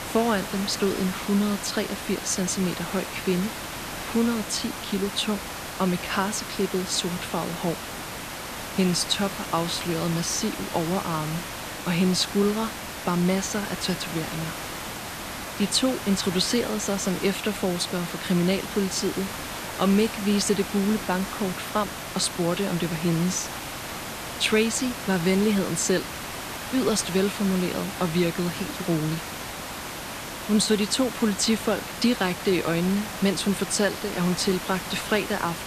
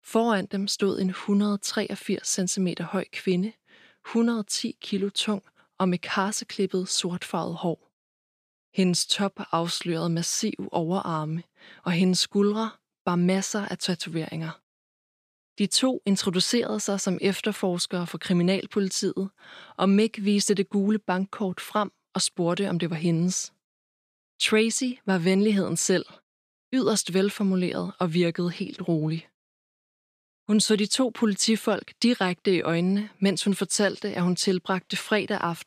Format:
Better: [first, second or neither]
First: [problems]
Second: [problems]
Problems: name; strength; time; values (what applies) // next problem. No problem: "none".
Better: second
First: hiss; loud; throughout; 7 dB below the speech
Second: none